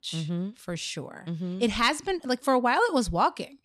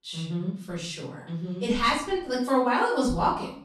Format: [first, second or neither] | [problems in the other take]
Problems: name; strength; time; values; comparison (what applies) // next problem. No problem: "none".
first | off-mic speech; far // room echo; noticeable; dies away in 0.5 s